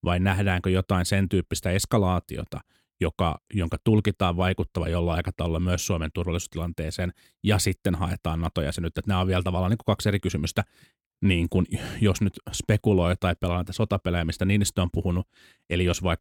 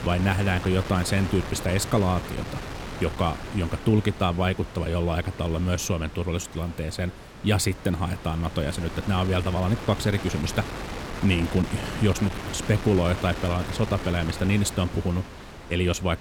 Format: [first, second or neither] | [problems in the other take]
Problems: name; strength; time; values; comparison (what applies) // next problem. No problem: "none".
first | wind noise on the microphone; heavy; 8 dB below the speech